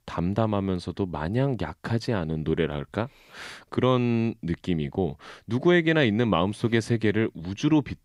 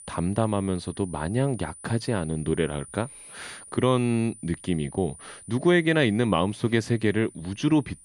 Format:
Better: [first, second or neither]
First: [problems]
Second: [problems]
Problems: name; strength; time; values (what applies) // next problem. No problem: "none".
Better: first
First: none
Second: high-pitched whine; noticeable; throughout; 9.5 kHz, 20 dB below the speech